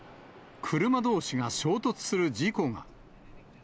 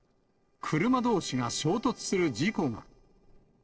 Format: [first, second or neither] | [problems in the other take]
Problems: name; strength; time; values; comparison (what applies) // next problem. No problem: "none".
first | noise reduction (neural separator model SepFormer DNS4)